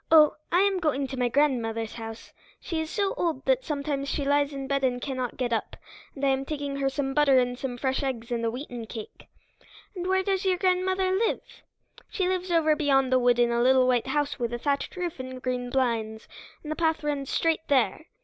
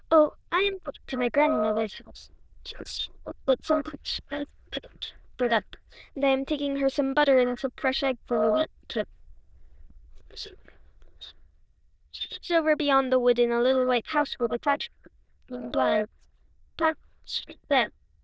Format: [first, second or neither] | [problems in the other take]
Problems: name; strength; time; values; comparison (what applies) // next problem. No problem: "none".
first | noise reduction (neural diffusion model UNIVERSE++)